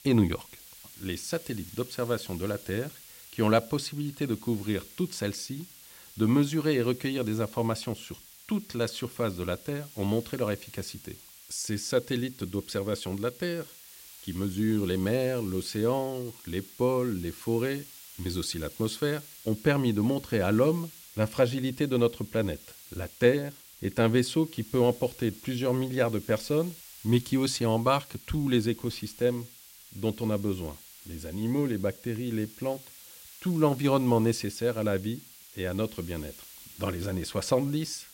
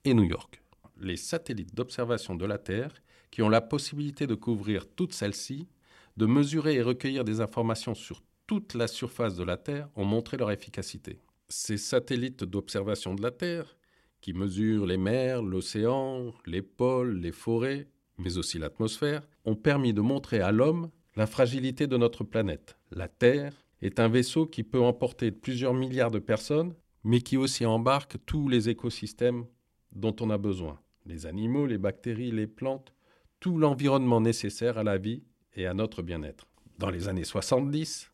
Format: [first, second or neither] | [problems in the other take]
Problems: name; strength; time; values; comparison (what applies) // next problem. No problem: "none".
second | hiss; noticeable; throughout; 20 dB below the speech